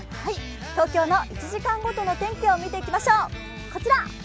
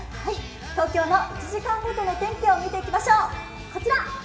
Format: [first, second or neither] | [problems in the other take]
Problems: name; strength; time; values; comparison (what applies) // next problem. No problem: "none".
first | room echo; dies away in 2.3 s